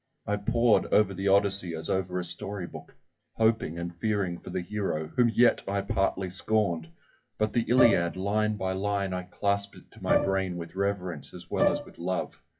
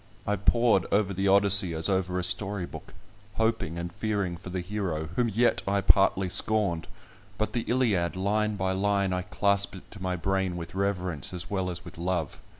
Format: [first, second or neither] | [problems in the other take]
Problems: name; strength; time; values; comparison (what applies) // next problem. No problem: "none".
second | noise reduction (classical method WPE with log-MMSE)